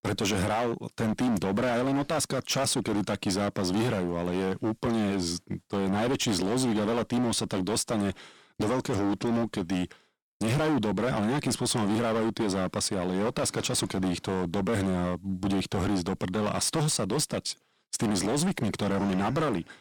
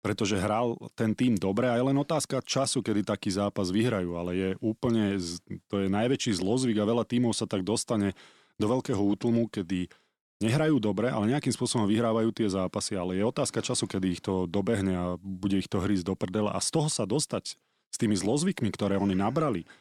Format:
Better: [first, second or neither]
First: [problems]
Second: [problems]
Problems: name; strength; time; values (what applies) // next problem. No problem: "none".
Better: second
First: distortion; heavy; 22% of the sound clipped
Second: none